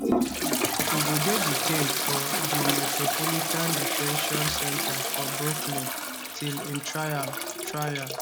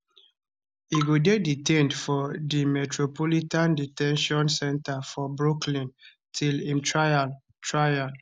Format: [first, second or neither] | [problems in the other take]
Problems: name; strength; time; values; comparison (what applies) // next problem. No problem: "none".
second | background sound (Toilet flush); 5 dB above the speech